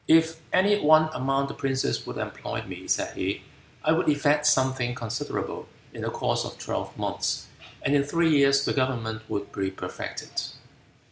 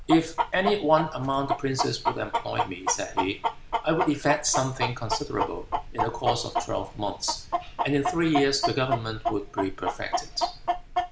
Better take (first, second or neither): first